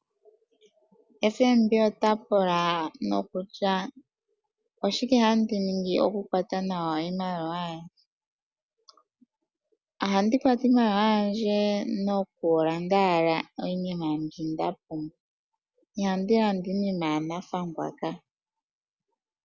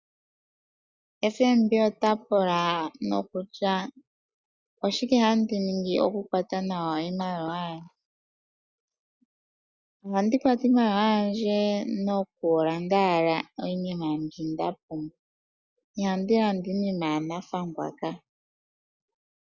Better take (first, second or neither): first